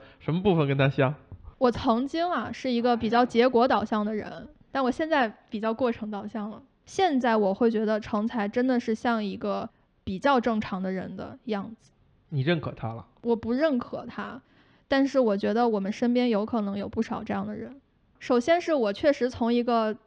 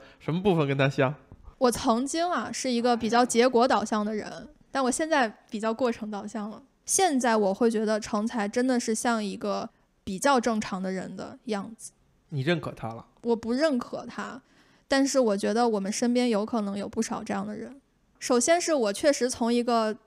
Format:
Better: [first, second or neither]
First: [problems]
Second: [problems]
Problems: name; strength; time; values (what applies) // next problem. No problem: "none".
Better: second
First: muffled; slightly; fading above 4 kHz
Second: none